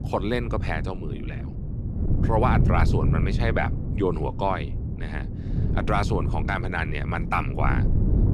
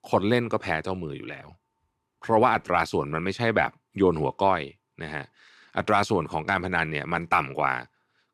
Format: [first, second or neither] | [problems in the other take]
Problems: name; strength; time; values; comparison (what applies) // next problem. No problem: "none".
second | wind noise on the microphone; occasional gusts; 10 dB below the speech